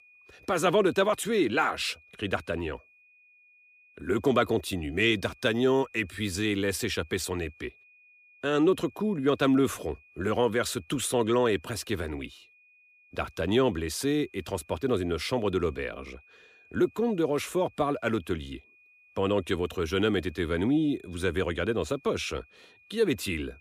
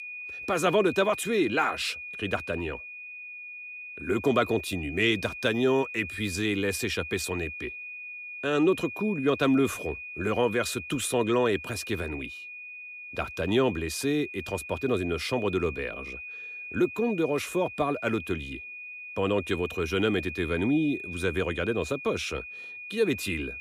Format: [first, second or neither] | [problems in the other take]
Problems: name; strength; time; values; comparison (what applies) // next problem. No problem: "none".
first | high-pitched whine; loud; throughout; 2.5 kHz, 10 dB below the speech; faint in the first